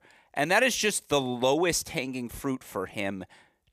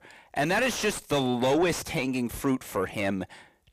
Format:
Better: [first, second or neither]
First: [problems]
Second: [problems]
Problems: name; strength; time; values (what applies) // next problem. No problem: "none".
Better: first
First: none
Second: distortion; heavy; 6 dB below the speech